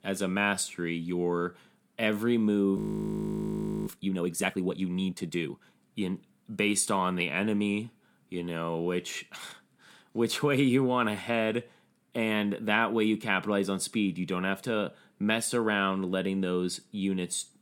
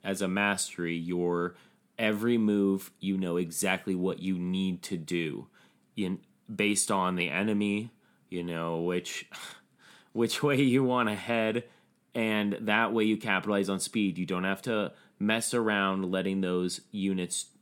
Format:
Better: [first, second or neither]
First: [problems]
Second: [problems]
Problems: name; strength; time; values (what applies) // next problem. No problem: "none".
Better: second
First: audio freezing; at 3 s for 1 s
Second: none